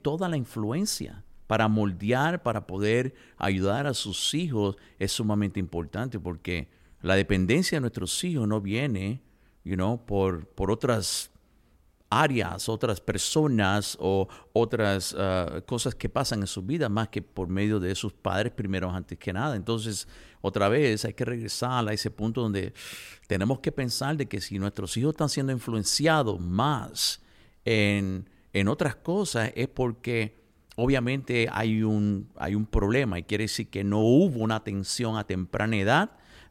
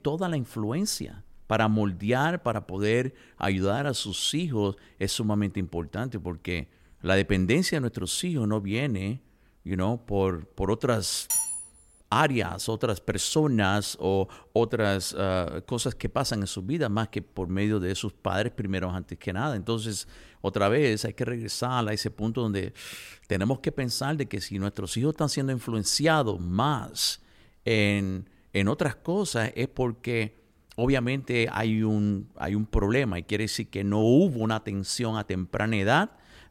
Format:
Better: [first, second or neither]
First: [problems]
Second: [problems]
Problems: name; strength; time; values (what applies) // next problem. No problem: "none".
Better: first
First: none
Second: clattering dishes; loud; at 11 s; peak 2 dB above the speech